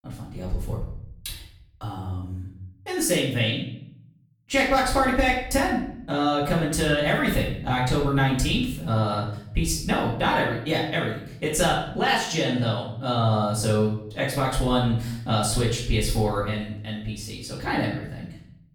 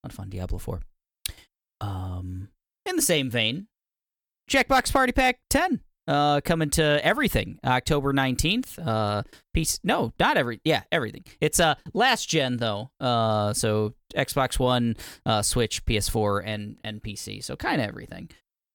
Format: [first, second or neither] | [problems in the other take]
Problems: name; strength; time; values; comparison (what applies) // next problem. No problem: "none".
second | off-mic speech; far // room echo; noticeable; dies away in 0.7 s